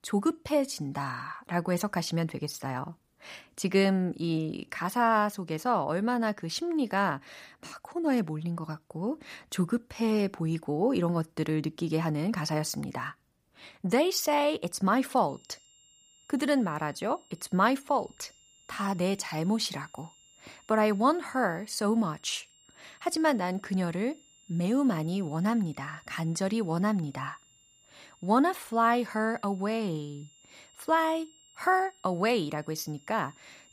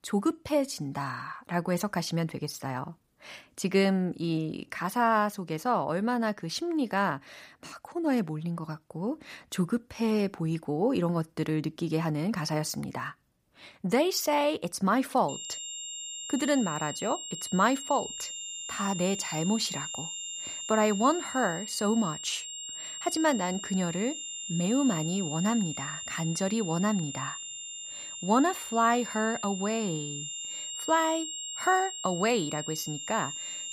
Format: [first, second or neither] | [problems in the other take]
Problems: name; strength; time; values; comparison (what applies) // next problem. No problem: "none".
first | high-pitched whine; loud; from 15 s on; 7.5 kHz, 7 dB below the speech; faint in the first